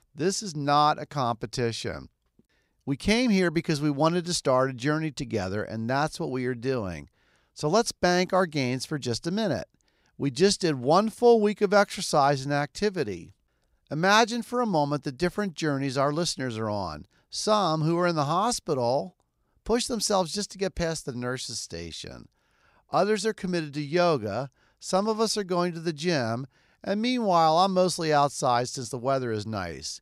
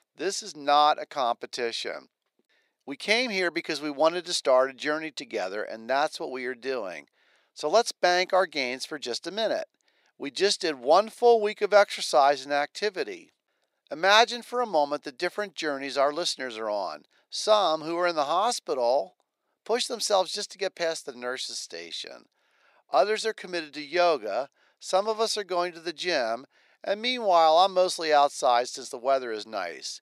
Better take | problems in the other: first | thin; somewhat; fading below 300 Hz

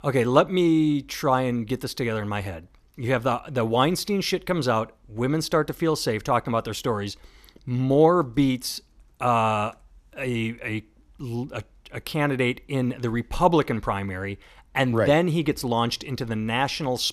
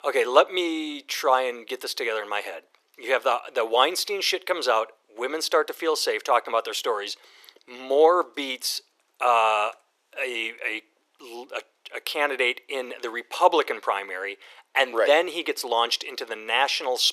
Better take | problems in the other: first | thin; very; fading below 400 Hz

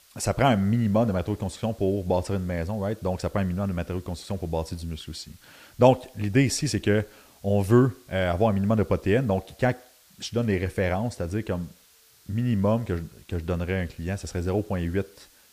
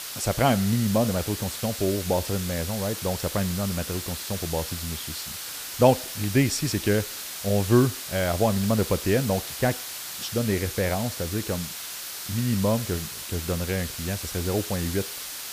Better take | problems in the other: first | hiss; loud; throughout; 6 dB below the speech; faint in the first

